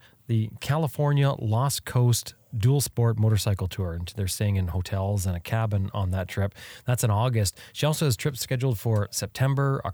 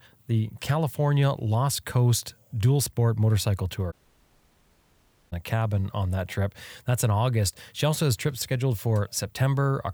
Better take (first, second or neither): first